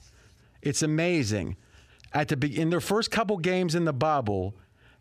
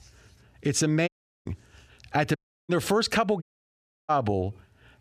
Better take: first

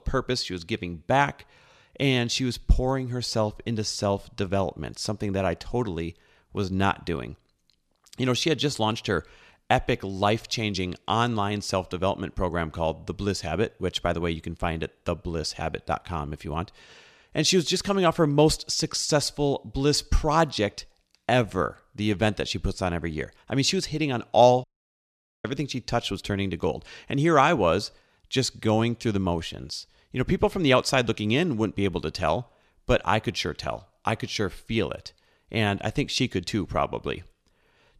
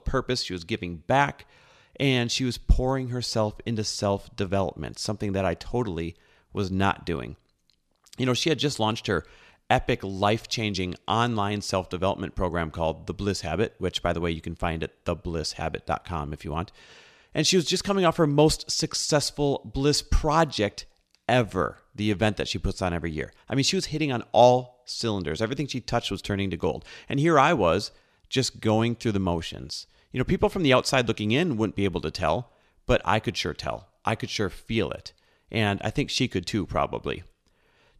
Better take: second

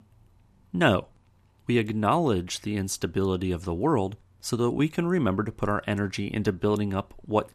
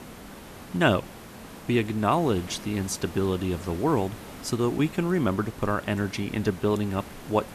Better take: first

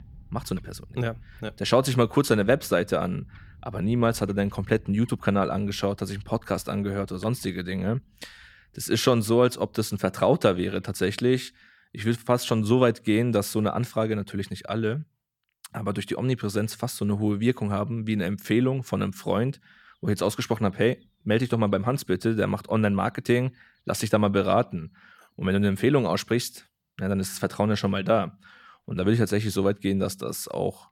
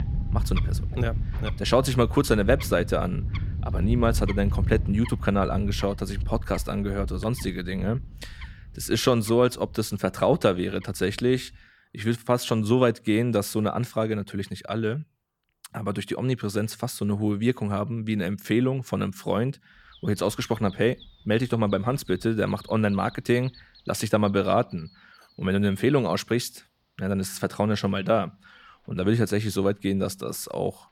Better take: first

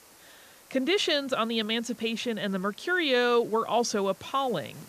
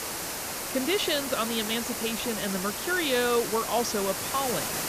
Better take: first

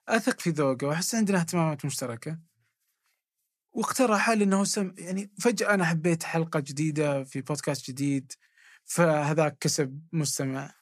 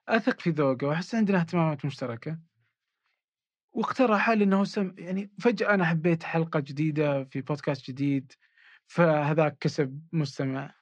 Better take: first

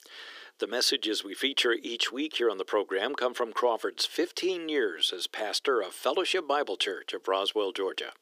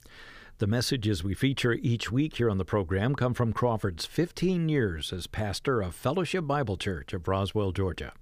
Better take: second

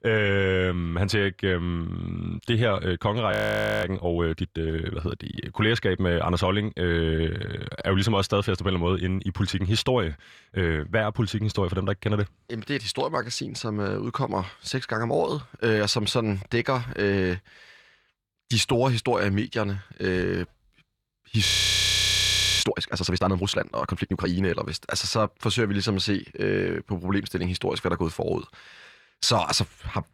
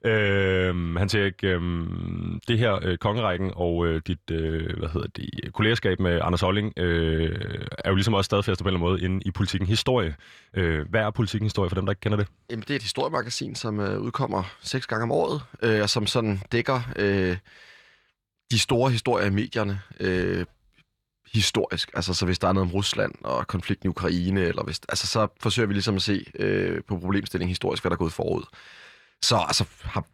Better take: second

